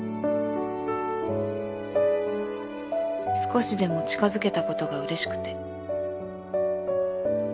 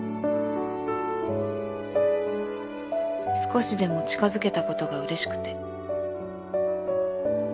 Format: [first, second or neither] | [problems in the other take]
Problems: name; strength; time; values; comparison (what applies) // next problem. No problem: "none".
first | background sound (Wind instrument, woodwind instrument); 19 dB below the speech